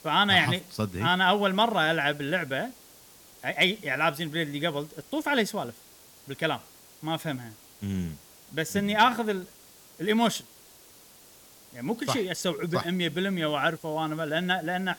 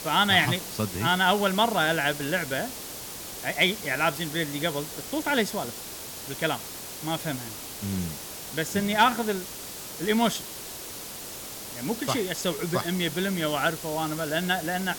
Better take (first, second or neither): first